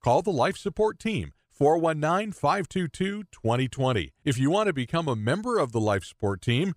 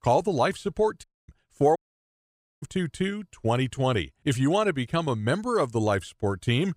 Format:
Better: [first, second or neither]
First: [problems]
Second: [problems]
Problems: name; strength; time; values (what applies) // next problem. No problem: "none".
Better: first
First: none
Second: audio cutting out; at 1 s and at 2 s for 1 s